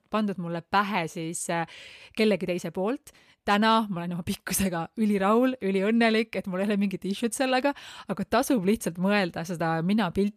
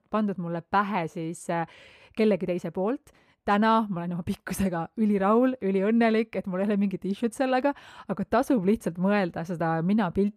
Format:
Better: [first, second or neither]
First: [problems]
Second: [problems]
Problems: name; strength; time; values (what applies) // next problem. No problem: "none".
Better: first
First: none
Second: muffled; slightly; fading above 2 kHz